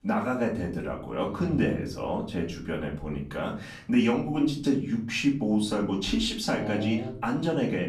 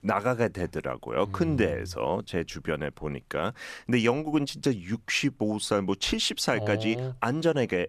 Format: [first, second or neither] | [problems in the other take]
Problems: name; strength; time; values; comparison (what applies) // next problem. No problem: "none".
second | off-mic speech; far // room echo; slight; dies away in 0.6 s